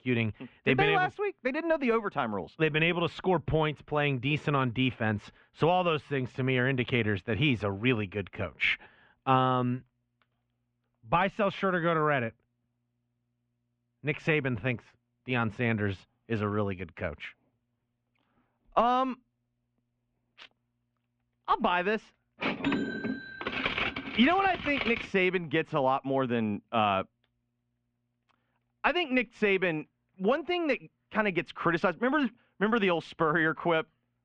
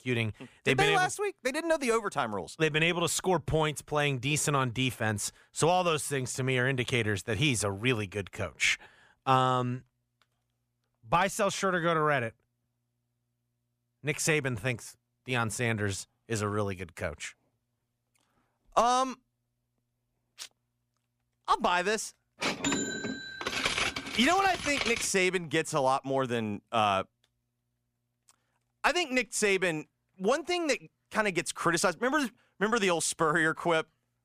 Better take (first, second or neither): second